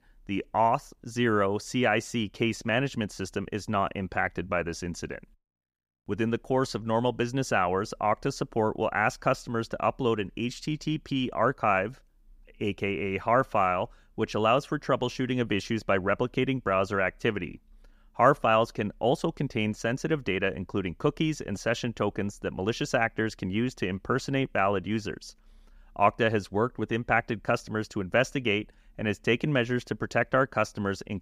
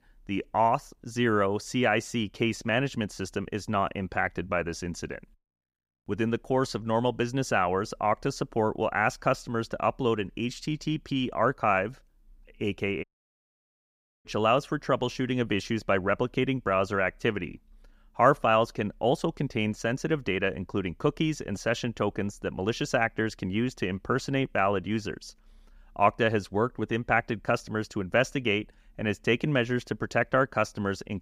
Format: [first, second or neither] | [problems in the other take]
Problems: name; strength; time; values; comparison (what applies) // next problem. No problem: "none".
first | audio cutting out; at 13 s for 1 s